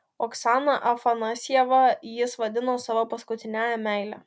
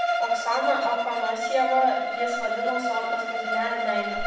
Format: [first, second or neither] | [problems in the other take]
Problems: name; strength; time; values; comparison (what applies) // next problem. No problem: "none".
first | background sound (Bowed string instrument); 1 dB above the speech // room echo; dies away in 0.7 s